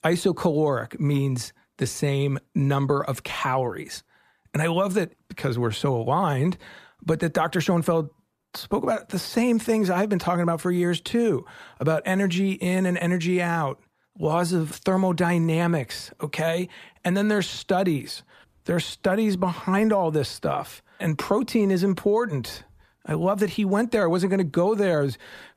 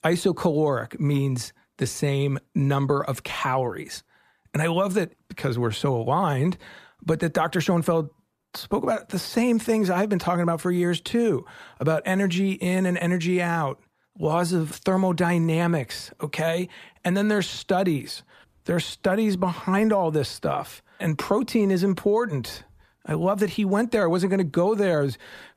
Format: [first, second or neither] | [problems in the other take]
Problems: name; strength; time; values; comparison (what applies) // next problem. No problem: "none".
neither | none